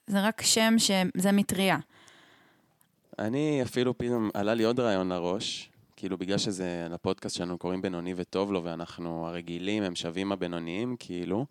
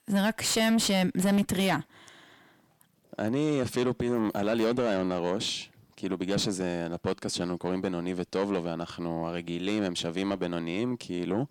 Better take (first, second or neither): first